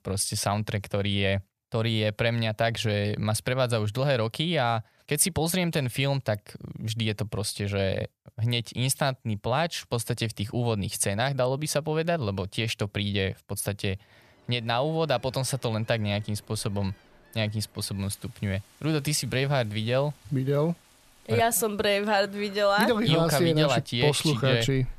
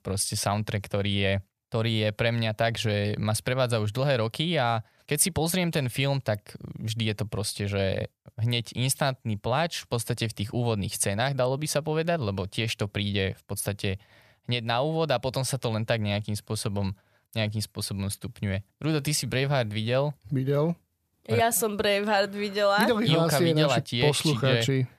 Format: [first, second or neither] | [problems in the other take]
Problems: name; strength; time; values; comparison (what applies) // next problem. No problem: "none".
second | rain or running water; faint; from 14 s on; 30 dB below the speech